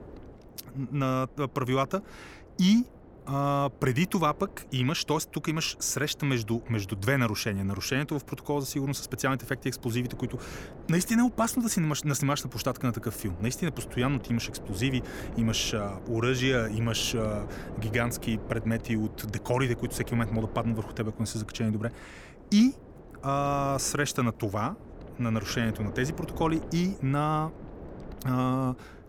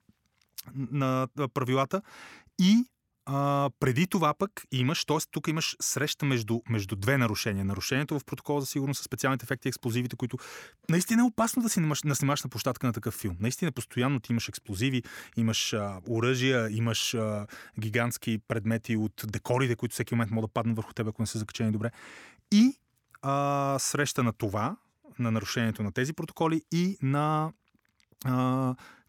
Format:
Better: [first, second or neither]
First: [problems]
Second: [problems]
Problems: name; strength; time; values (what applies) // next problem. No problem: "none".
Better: second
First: wind noise on the microphone; occasional gusts; 15 dB below the speech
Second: none